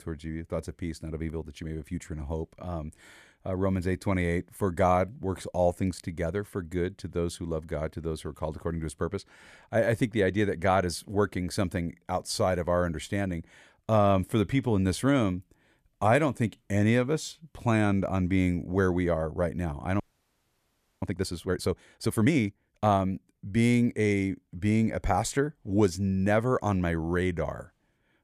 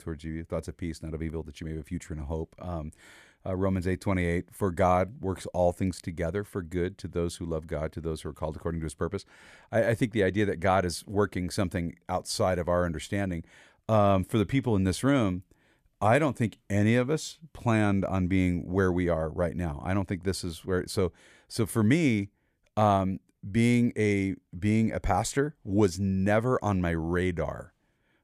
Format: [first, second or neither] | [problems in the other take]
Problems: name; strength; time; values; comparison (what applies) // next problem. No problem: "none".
second | audio freezing; at 20 s for 1 s